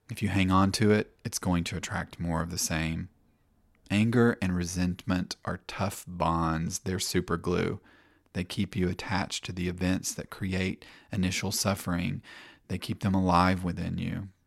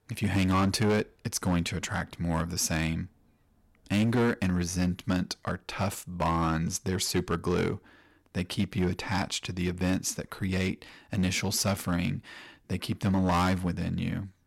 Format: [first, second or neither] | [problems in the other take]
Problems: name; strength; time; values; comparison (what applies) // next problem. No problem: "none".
first | distortion; slight; 6% of the sound clipped